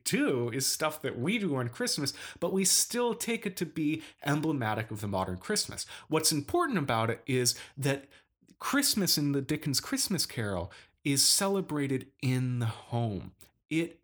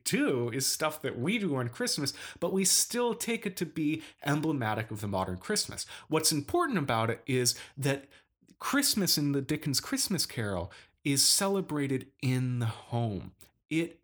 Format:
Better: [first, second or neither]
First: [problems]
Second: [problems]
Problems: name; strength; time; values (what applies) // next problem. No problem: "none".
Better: neither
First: none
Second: none